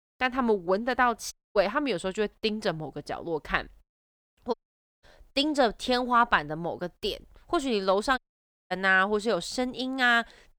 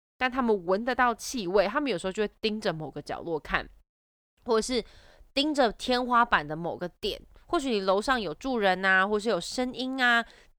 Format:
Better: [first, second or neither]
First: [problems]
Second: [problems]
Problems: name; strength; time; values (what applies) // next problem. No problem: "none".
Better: second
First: audio cutting out; at 1.5 s, at 4.5 s and at 8 s for 0.5 s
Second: none